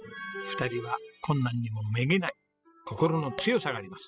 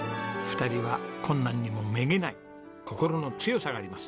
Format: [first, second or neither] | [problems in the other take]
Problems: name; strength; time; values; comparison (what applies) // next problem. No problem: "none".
second | noise reduction (classical method spectral subtraction)